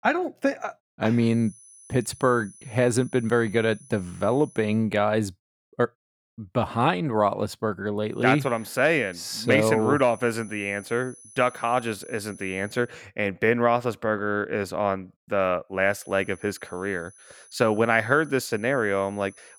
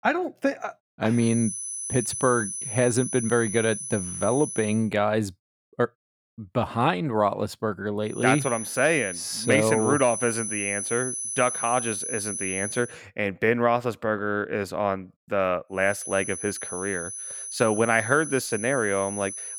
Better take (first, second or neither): first